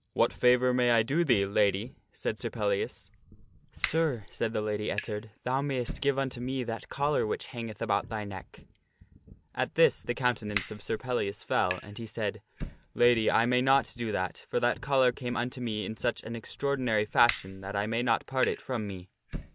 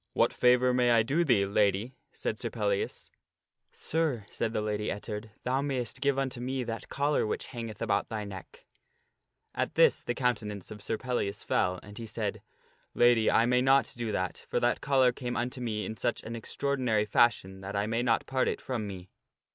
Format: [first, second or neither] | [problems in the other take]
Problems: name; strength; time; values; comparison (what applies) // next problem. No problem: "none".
second | background sound (Fire); 15 dB below the speech